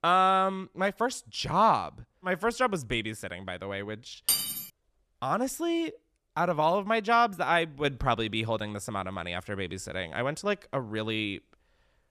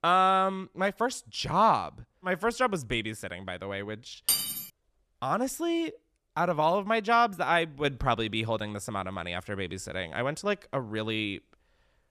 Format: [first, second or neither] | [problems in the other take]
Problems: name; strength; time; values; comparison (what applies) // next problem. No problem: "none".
neither | clattering dishes; loud; at 4.5 s; peak 3 dB above the speech; the same in both